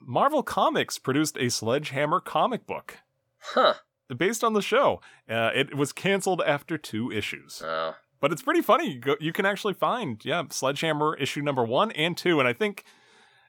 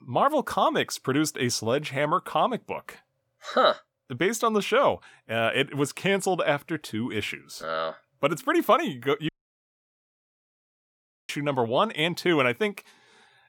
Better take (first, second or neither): first